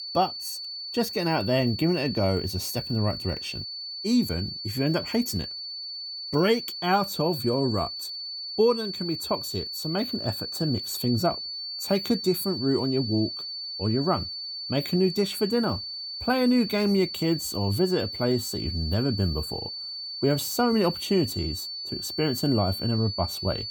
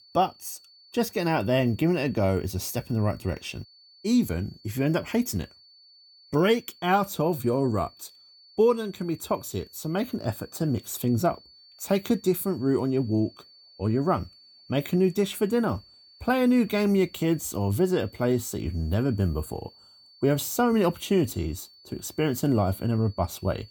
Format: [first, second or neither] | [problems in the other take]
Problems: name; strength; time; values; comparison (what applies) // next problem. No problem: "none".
second | high-pitched whine; loud; throughout; 4.5 kHz, 6 dB below the speech; faint in the second